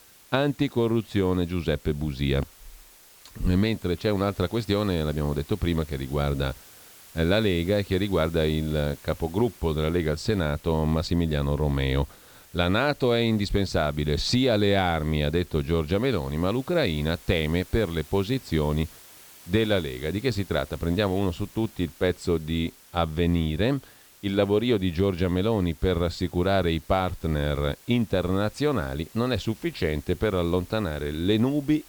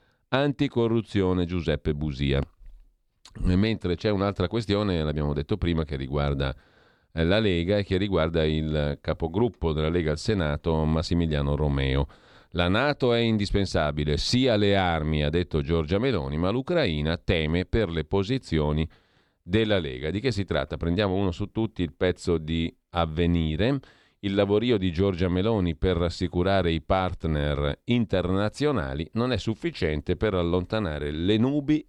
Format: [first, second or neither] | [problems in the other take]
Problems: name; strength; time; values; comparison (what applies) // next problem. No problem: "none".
second | hiss; faint; throughout; 25 dB below the speech